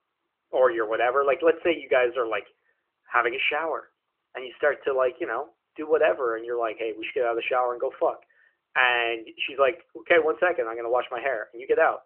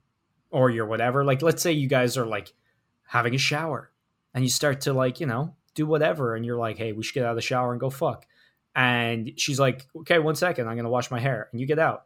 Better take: second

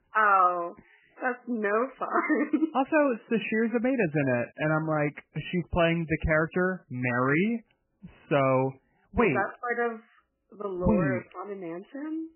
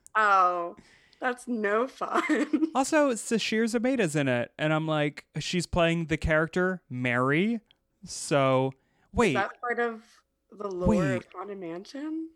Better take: second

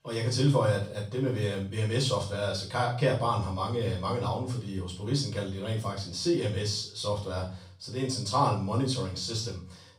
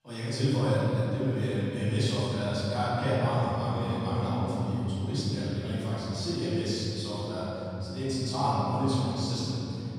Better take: first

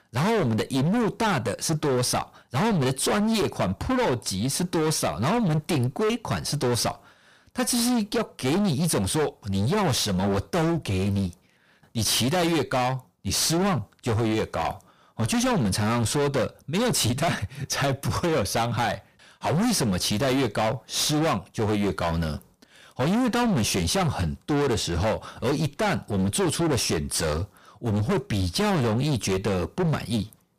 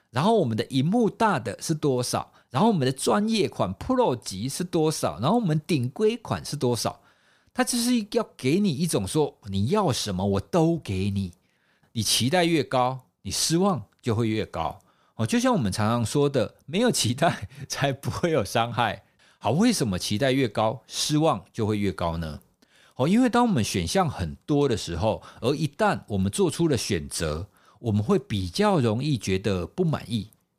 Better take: second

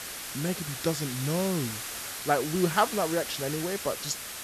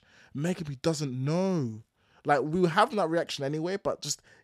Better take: second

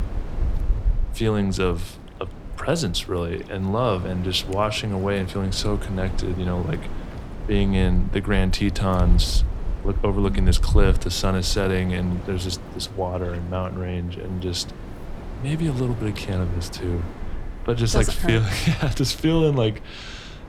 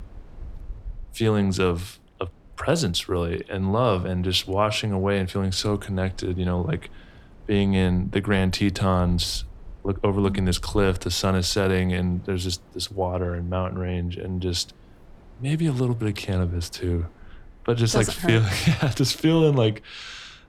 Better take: second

